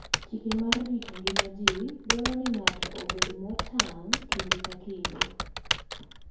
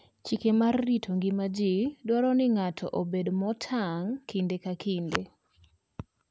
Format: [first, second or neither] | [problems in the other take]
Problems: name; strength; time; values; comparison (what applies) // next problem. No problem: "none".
second | background sound (Typing); 4 dB above the speech // room echo; dies away in 2.3 s